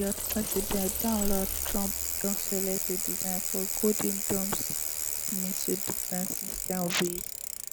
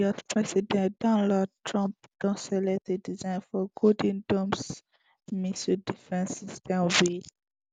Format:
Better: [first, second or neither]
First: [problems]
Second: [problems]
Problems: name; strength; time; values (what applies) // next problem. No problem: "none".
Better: second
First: background sound (Bicycle); 1 dB above the speech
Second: none